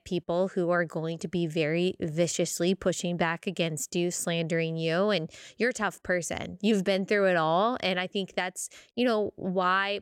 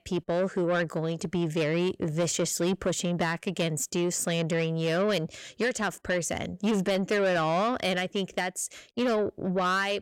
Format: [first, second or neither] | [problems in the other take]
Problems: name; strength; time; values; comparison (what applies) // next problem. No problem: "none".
first | distortion; slight; 10 dB below the speech